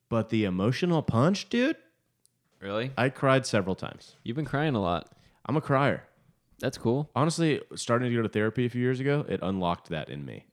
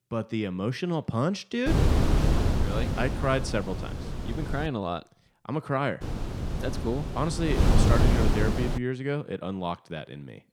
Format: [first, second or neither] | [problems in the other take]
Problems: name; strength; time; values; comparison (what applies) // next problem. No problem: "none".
first | wind noise on the microphone; heavy; from 1.5 to 4.5 s and from 6 to 9 s; 2 dB below the speech